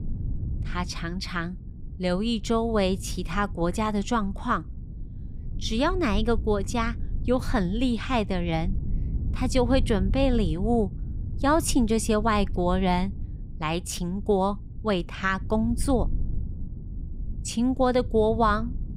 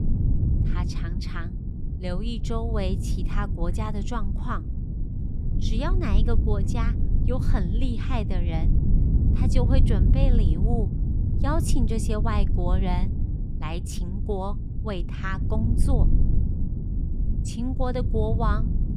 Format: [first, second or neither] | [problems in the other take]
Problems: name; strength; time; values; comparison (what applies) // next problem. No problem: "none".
first | low rumble; loud; throughout; 6 dB below the speech; faint in the first